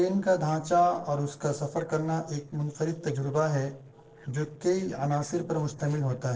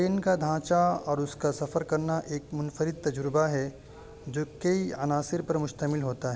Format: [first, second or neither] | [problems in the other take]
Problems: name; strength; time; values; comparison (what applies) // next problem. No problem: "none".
second | noise reduction (neural separator model SepFormer DNS4)